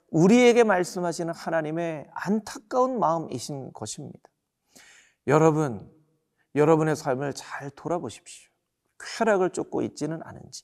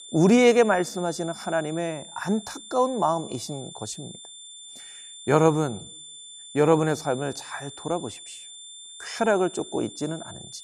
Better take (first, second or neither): first